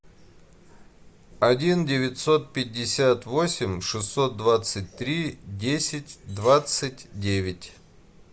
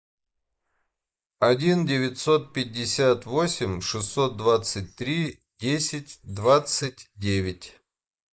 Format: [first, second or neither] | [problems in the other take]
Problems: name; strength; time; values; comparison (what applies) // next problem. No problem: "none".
first | noise reduction (neural mask model Resemble Enhance denoiser)